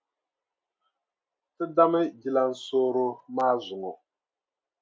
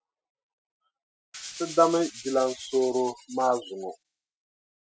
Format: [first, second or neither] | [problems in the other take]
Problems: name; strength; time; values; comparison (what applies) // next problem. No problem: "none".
first | noise reduction (classical method spectral subtraction)